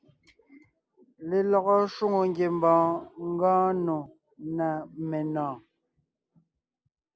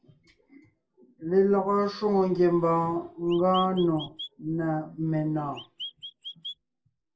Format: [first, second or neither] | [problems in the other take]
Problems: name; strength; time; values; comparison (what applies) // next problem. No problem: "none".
first | background sound (Chirp, tweet); 14 dB below the speech // room echo; dies away in 0.2 s